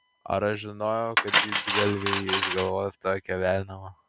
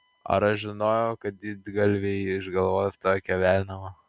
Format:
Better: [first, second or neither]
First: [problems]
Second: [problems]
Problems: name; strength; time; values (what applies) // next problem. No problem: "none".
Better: second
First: background sound (Cutlery, silverware); 1 dB below the speech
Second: none